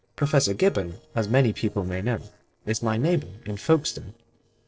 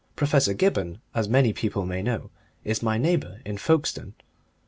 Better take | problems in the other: second | noise reduction (neural separator model SepFormer DNS4)

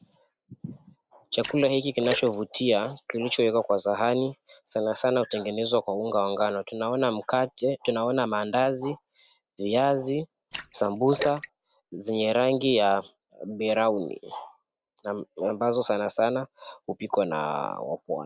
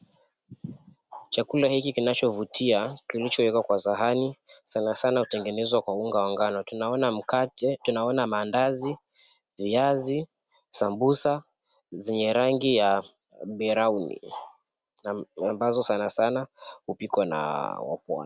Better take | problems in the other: second | noise reduction (neural mask model Resemble Enhance denoiser)

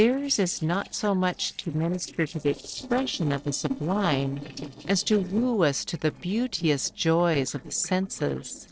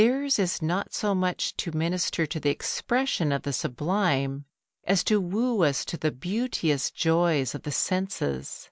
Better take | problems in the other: second | noise reduction (neural separator model SepFormer DNS4)

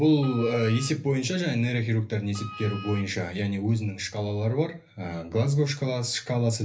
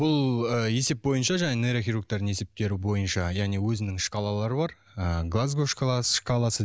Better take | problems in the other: second | background sound (Wind instrument, woodwind instrument); 17 dB below the speech // room echo; dies away in 0.3 s

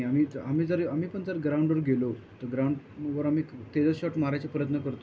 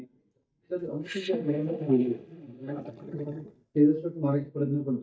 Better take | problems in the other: first | noise reduction (neural mask model DeepFilterNet 3)

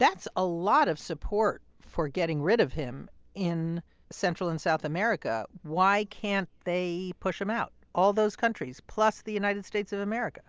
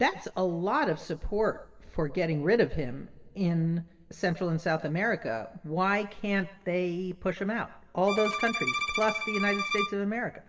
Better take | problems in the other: first | background sound (Bowed string instrument); 4 dB below the speech // room echo; dies away in 2 s

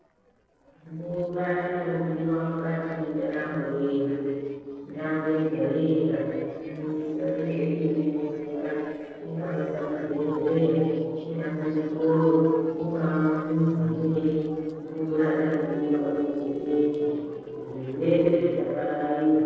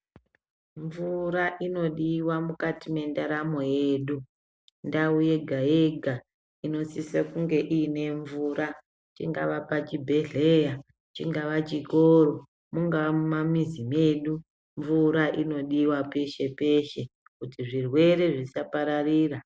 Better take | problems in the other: second | noise reduction (neural separator model SepFormer DNS4)

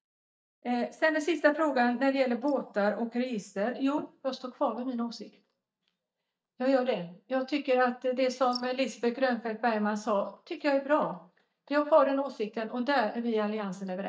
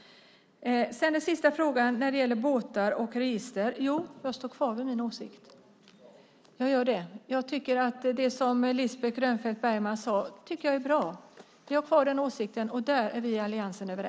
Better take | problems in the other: second | noise reduction (neural mask model DeepFilterNet 3)

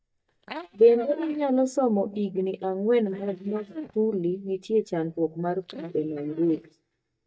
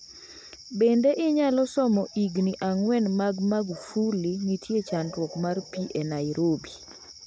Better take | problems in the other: second | noise reduction (neural mask model DeepFilterNet 3)

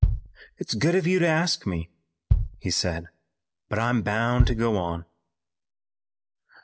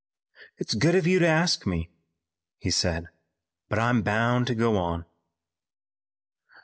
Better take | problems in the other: second | background sound (Bass drum); 3 dB below the speech

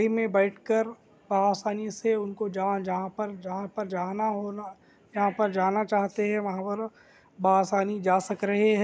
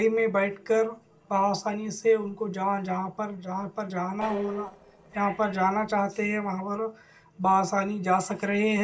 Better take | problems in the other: first | noise reduction (neural separator model SepFormer DNS4)

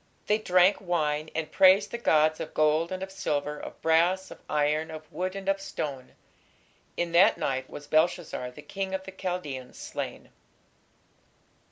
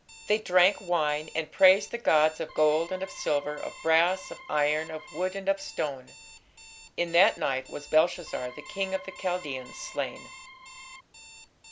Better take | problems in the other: first | background sound (Alarm + Organ); 19 dB below the speech

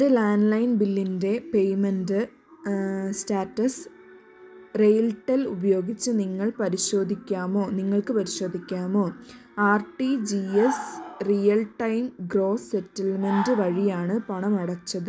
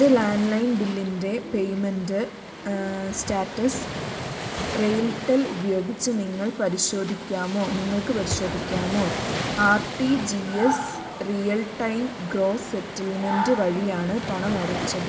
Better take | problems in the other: first | background sound (Waves, surf); 8 dB below the speech // room echo; dies away in 1.3 s

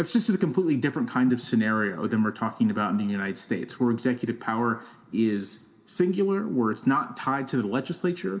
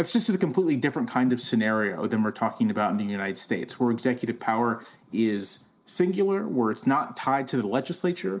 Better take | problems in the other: second | room echo; dies away in 0.7 s

